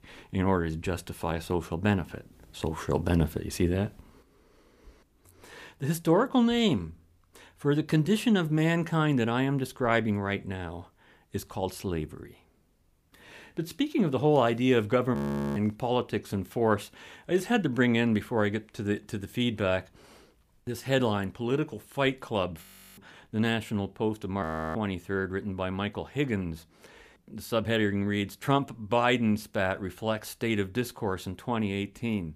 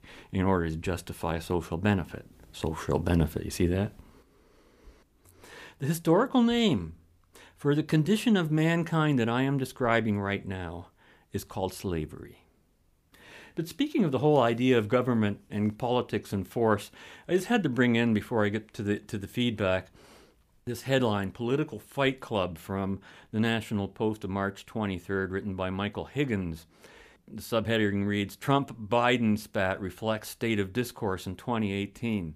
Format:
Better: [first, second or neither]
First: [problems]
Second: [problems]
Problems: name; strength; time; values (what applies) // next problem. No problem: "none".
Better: second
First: audio freezing; at 15 s, at 23 s and at 24 s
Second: none